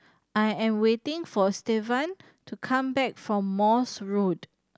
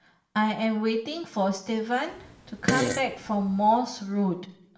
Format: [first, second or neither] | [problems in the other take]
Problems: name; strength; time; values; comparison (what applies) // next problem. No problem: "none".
first | background sound (Fart); 4 dB below the speech // room echo; dies away in 0.6 s